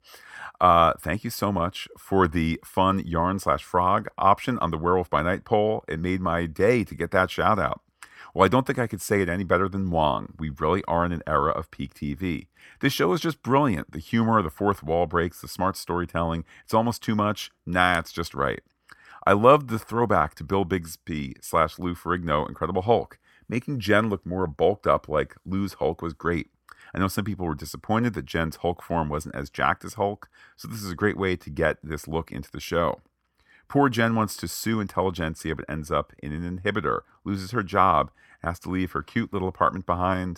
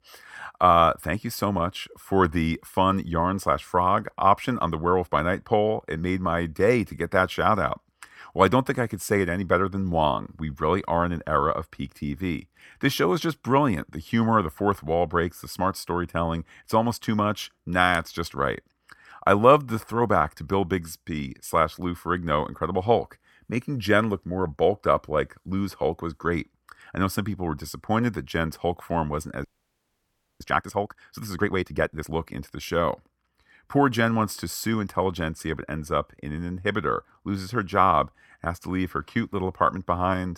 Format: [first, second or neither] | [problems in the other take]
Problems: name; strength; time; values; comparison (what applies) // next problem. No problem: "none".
first | audio freezing; at 29 s for 1 s